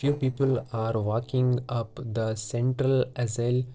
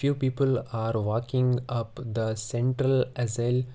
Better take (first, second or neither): second